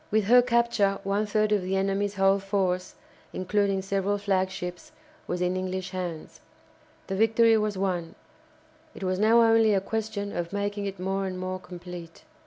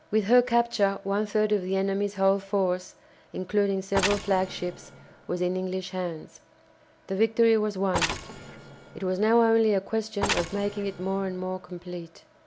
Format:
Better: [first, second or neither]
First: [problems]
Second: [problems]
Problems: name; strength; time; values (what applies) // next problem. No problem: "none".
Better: first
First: none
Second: background sound (Mechanisms); 8 dB below the speech